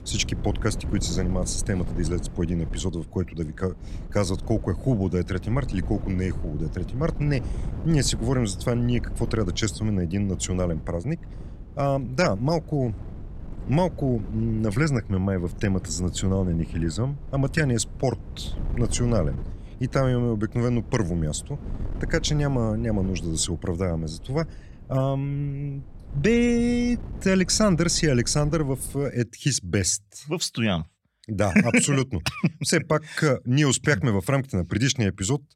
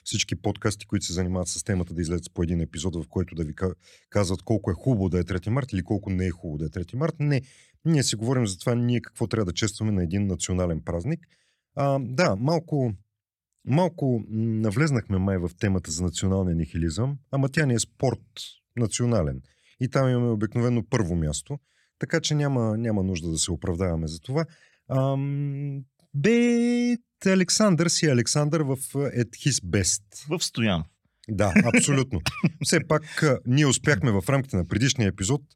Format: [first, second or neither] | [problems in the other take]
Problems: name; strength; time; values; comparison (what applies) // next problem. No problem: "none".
second | wind noise on the microphone; occasional gusts; until 29 s; 20 dB below the speech